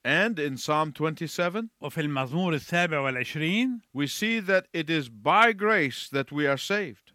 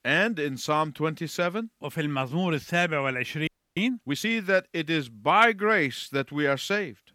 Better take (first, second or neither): first